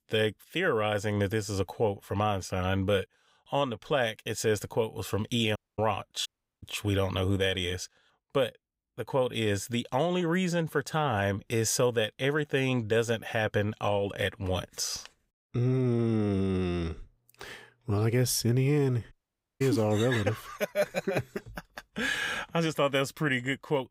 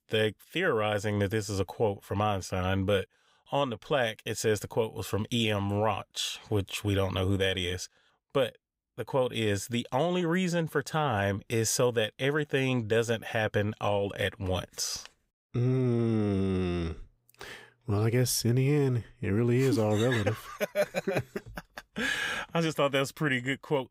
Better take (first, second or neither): second